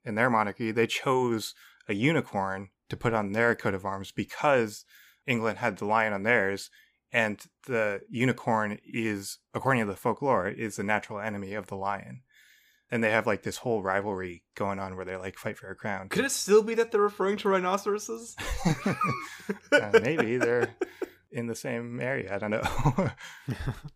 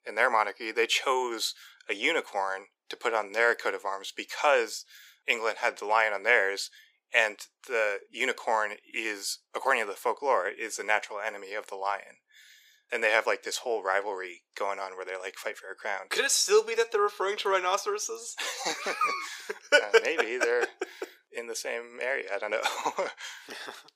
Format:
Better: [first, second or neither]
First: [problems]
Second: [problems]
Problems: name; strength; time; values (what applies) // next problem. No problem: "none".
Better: first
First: none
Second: thin; very; fading below 400 Hz